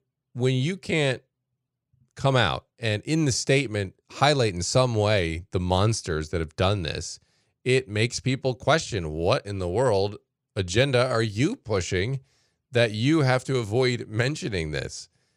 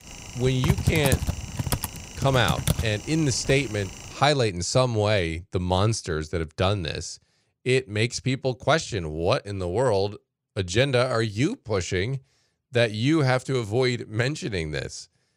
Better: first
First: none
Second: keyboard typing; loud; until 3.5 s; peak level with the speech

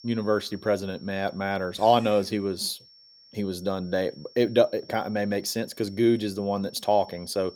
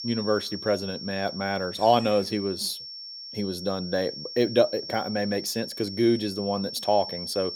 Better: first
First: high-pitched whine; faint; throughout; 5.5 kHz, 25 dB below the speech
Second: high-pitched whine; loud; throughout; 5.5 kHz, 9 dB below the speech

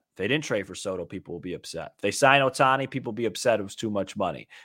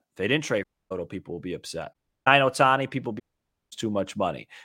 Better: first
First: none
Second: audio cutting out; at 0.5 s, at 2 s and at 3 s for 0.5 s

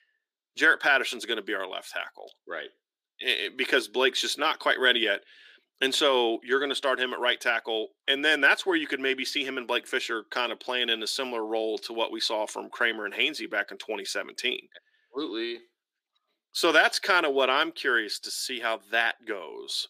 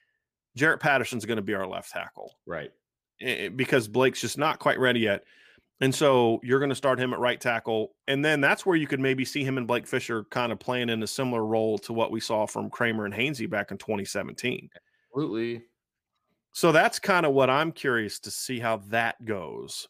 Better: second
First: thin; somewhat; fading below 300 Hz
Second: none

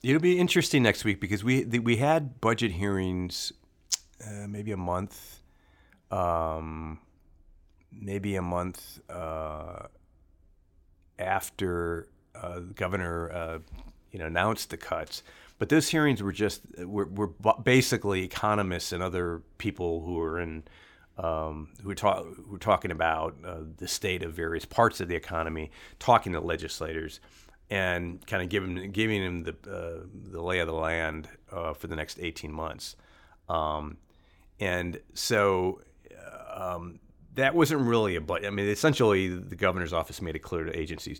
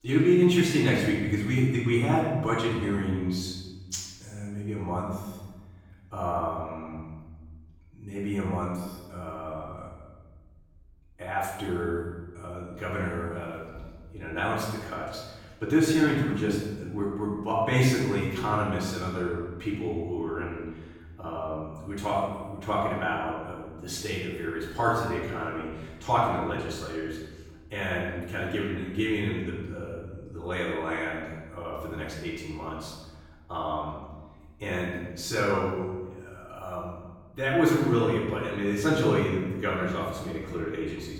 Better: first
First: none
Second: off-mic speech; far // room echo; noticeable; dies away in 1.3 s

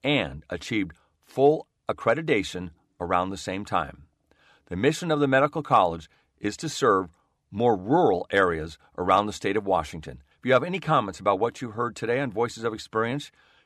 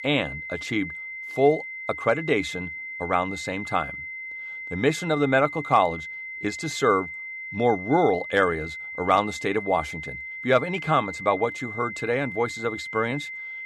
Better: first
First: none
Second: high-pitched whine; loud; throughout; 2 kHz, 9 dB below the speech

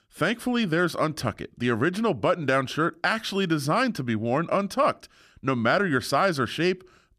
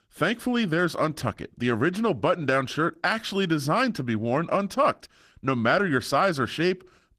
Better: first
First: none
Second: garbled, watery; slightly; nothing above 14.5 kHz

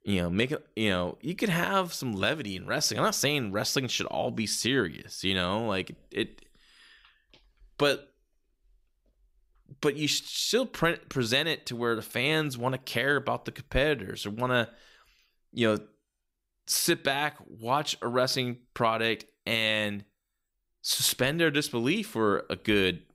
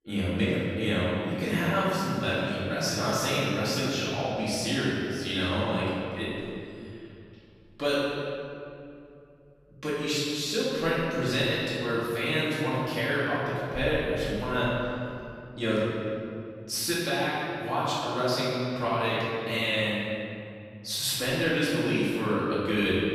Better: first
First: none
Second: off-mic speech; far // room echo; strong; dies away in 2.6 s

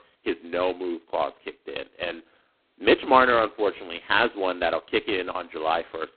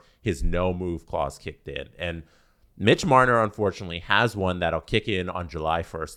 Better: second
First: phone-call audio; poor line; nothing above 4 kHz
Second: none

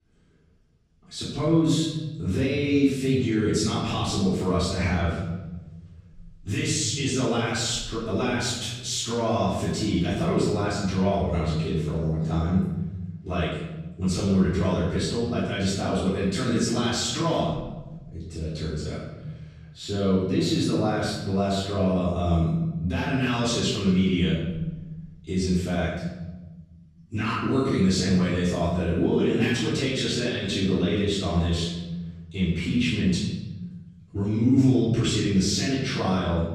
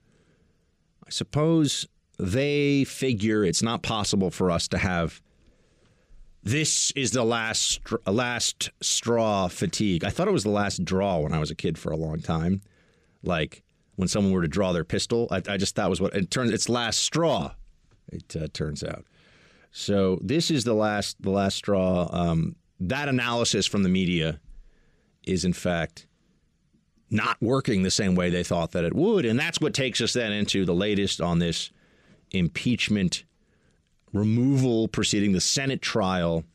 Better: second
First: off-mic speech; far // room echo; strong; dies away in 1.5 s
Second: none

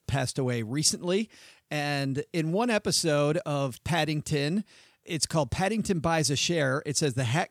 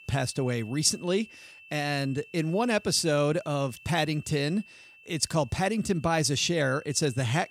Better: first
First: none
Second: high-pitched whine; faint; throughout; 2.5 kHz, 20 dB below the speech

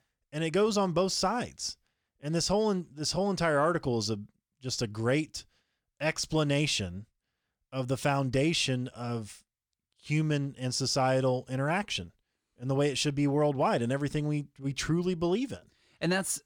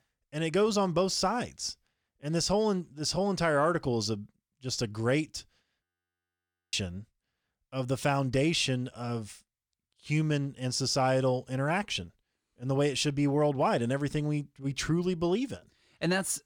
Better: first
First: none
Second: audio freezing; at 6 s for 1 s

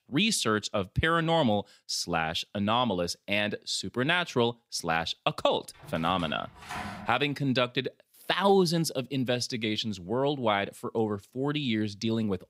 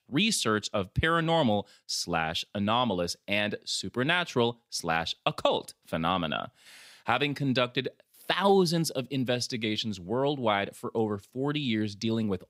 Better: second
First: door banging; noticeable; from 6 to 7 s; peak 9 dB below the speech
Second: none

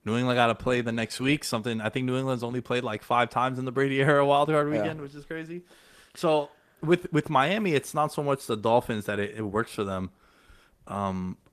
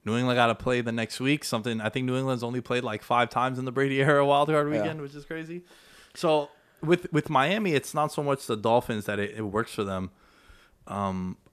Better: second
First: garbled, watery; slightly; nothing above 14.5 kHz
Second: none

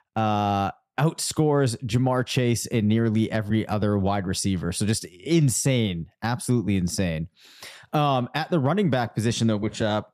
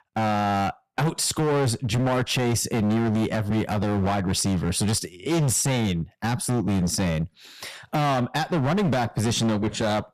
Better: first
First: none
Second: distortion; heavy; 22% of the sound clipped

